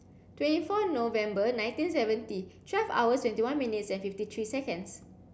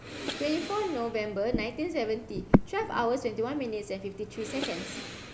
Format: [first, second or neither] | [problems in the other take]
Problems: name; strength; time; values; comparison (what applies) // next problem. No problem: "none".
first | background sound (Breathing); 2 dB below the speech